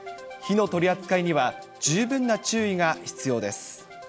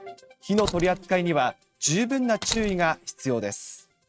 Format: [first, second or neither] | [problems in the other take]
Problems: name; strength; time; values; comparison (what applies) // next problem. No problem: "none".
first | noise reduction (neural mask model RNNoise)